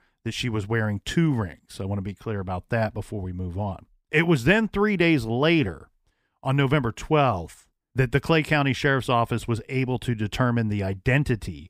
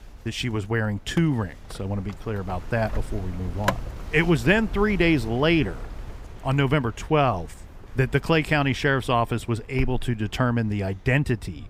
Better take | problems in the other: first | wind noise on the microphone; occasional gusts; 15 dB below the speech

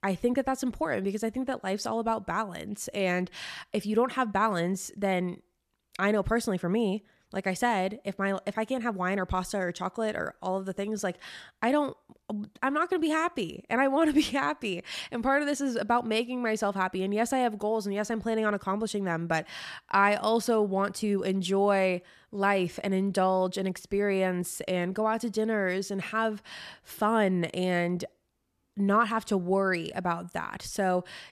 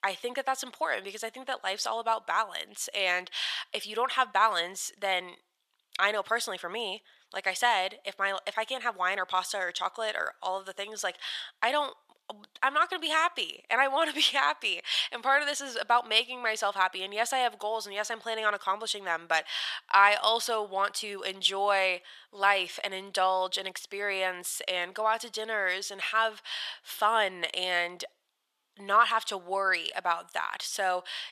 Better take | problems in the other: first | thin; very; fading below 900 Hz

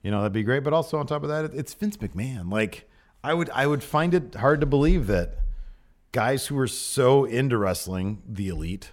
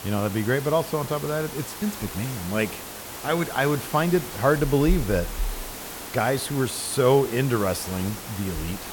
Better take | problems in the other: first | hiss; loud; throughout; 10 dB below the speech

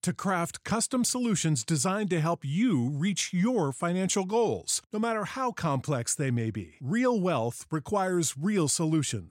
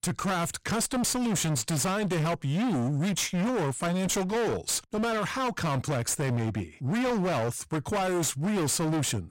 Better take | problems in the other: first | distortion; heavy; 42% of the sound clipped

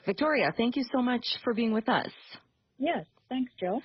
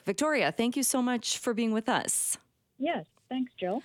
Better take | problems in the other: second | garbled, watery; badly; nothing above 5.5 kHz

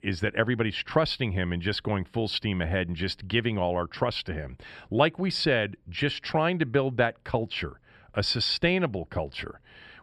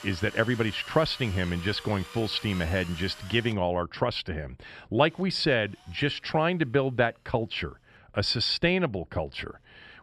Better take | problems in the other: first | machinery noise; noticeable; throughout; 15 dB below the speech

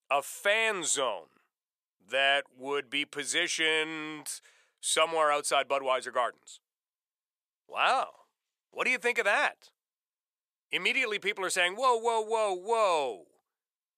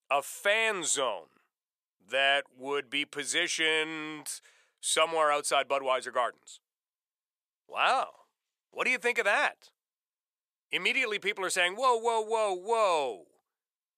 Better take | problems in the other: neither | thin; very; fading below 550 Hz; the same in both

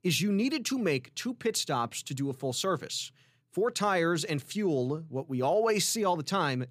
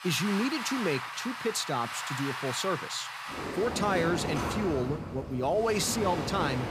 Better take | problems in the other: first | rain or running water; loud; throughout; 4 dB below the speech

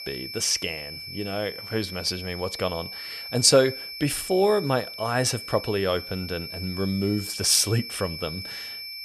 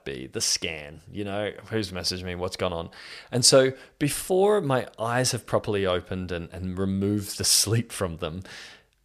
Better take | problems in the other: second | high-pitched whine; loud; throughout; 5.5 kHz, 10 dB below the speech

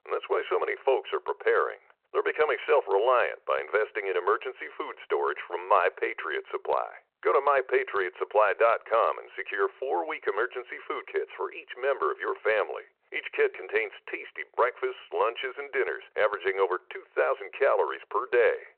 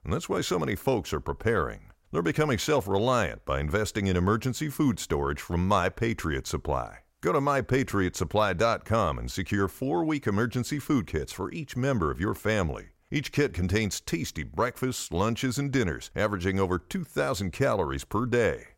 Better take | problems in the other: second | phone-call audio

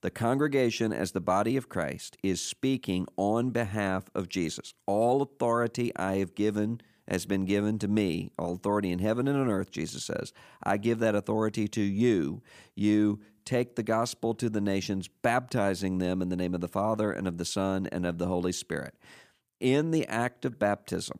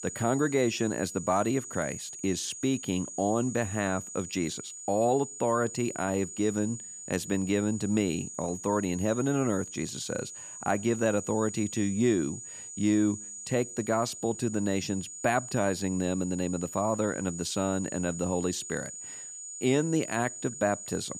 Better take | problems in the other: first | high-pitched whine; loud; throughout; 7 kHz, 10 dB below the speech

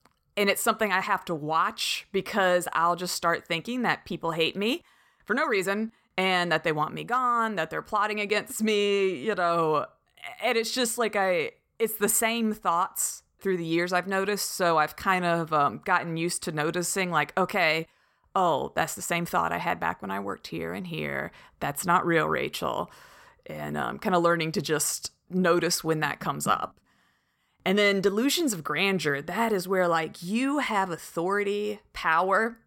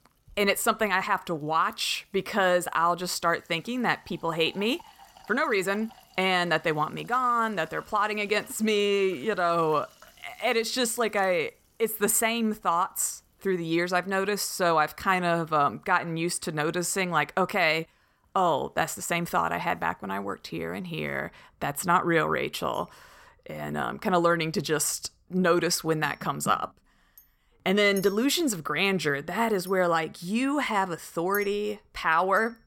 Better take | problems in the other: first | household noises; faint; throughout; 25 dB below the speech

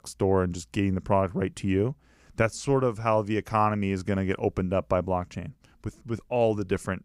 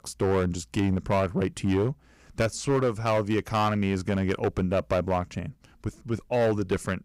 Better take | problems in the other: first | distortion; slight; 8% of the sound clipped

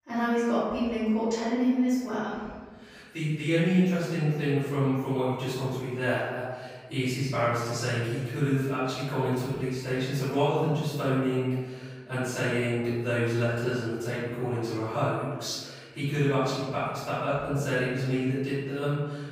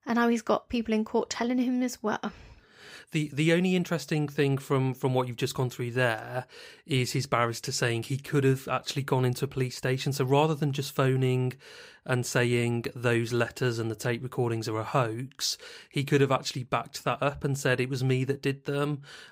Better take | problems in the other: second | off-mic speech; far // room echo; strong; dies away in 1.2 s

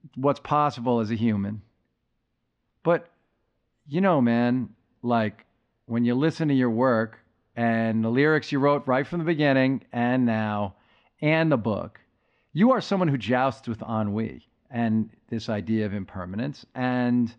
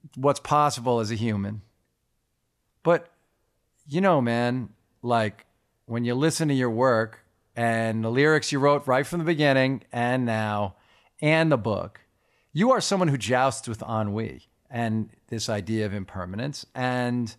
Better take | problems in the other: second | muffled; slightly; fading above 4 kHz

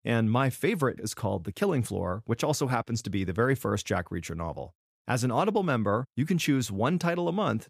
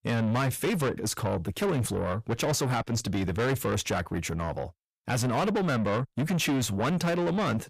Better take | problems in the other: first | distortion; heavy; 7 dB below the speech

